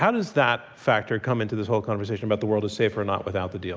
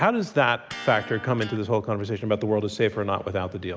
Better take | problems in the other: first | background sound (Electric guitar); 17 dB below the speech

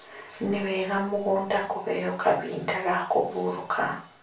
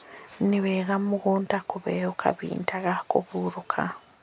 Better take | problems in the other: second | room echo; dies away in 0.3 s

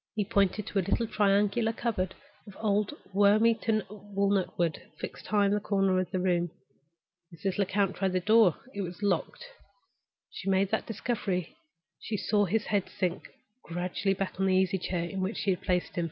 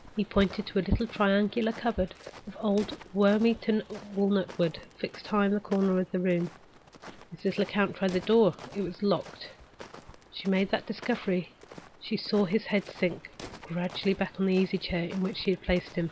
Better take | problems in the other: first | background sound (Walk, footsteps); 19 dB below the speech

